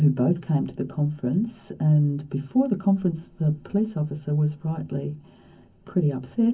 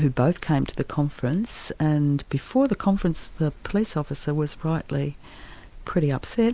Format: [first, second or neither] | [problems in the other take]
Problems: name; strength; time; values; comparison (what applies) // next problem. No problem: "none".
second | room echo; dies away in 0.3 s